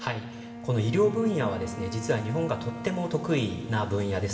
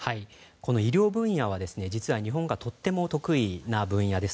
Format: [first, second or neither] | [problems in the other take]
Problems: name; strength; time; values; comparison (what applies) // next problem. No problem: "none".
second | background sound (Wind instrument, woodwind instrument); 11 dB below the speech // room echo; dies away in 2.1 s